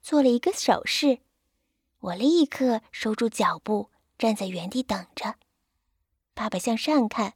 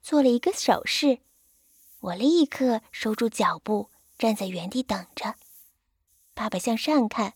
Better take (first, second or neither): first